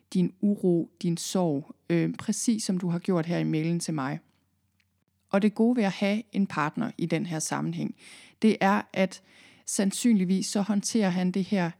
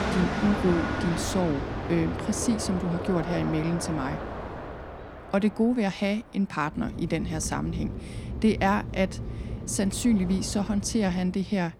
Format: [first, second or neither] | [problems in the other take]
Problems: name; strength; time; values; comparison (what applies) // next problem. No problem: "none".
first | train or aircraft noise; loud; throughout; 7 dB below the speech